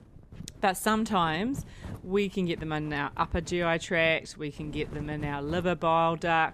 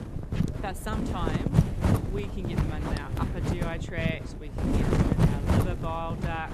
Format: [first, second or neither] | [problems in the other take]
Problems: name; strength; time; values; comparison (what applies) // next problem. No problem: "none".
first | wind noise on the microphone; heavy; 1 dB above the speech; occasional gusts in the first